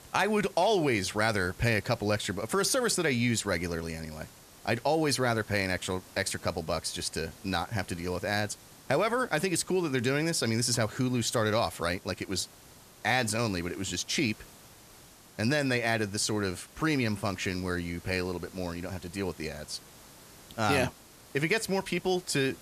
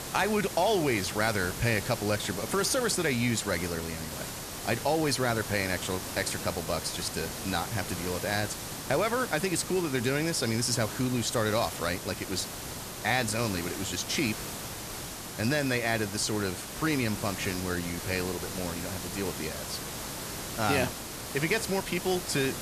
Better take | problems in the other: first | hiss; loud; throughout; 7 dB below the speech; faint in the first

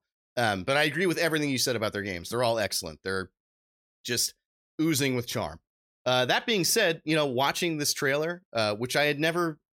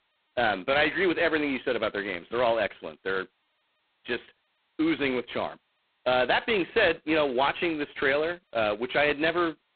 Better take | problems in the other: first | phone-call audio; poor line; nothing above 4 kHz

